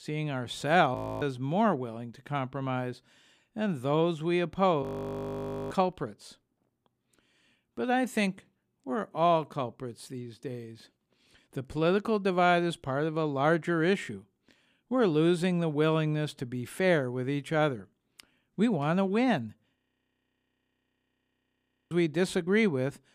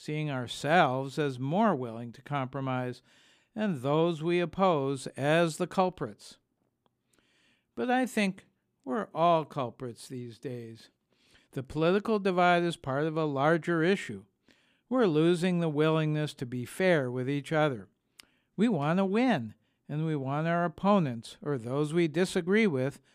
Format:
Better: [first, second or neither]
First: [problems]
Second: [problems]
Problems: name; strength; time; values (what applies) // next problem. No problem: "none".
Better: second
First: audio freezing; at 1 s, at 5 s for 1 s and at 20 s for 2 s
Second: none